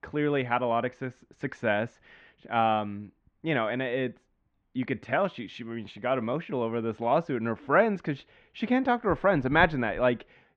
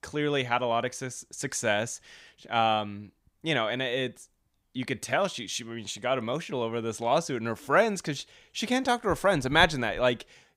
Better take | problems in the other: second | muffled; very; fading above 2.5 kHz

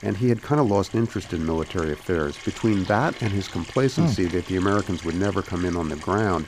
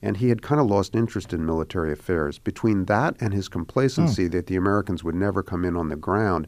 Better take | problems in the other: second | household noises; noticeable; throughout; 15 dB below the speech

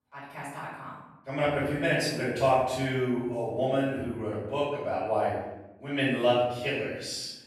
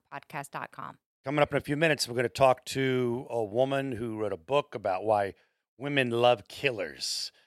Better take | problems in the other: second | room echo; strong; dies away in 1 s // off-mic speech; far

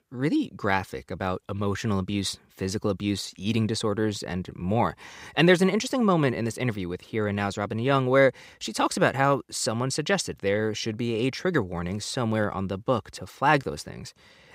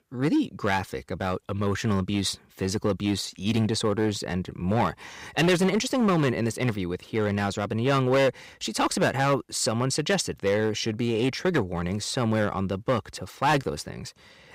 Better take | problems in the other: first | distortion; slight; 5% of the sound clipped

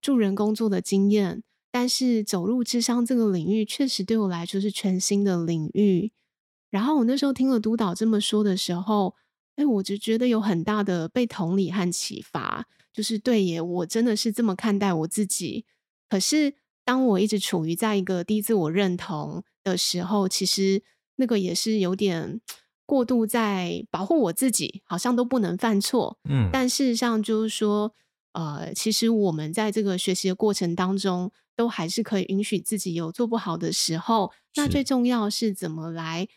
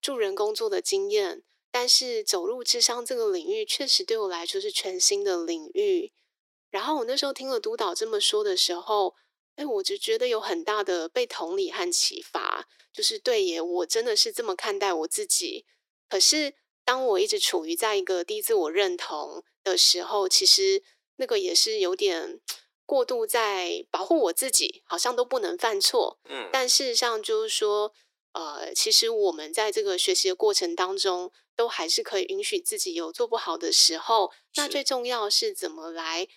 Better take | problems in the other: first | thin; very; fading below 350 Hz

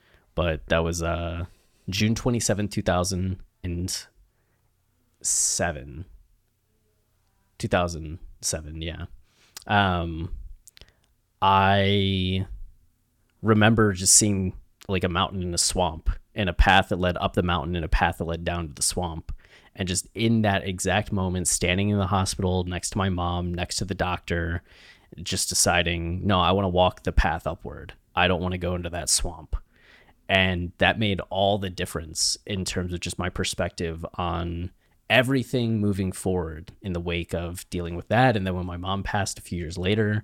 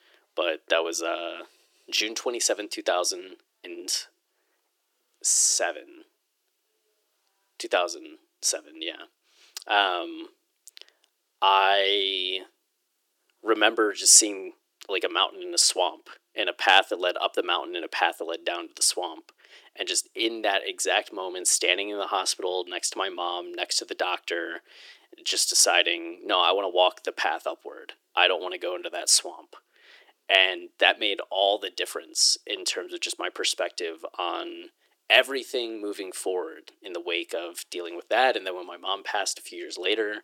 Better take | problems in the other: first | thin; very; fading below 300 Hz

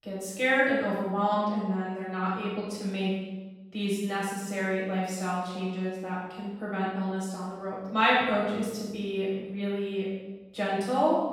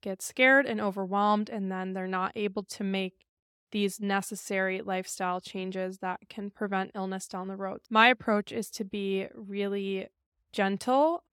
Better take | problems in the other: second | off-mic speech; far // room echo; strong; dies away in 1.1 s

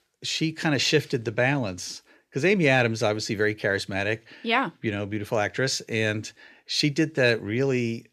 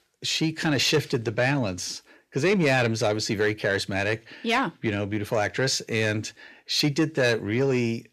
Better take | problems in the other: first | distortion; slight; 10 dB below the speech

